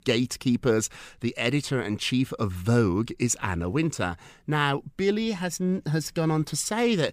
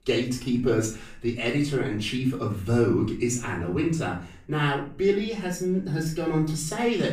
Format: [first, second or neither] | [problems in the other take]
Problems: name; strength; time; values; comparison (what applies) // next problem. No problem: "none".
first | off-mic speech; far // room echo; slight; dies away in 0.4 s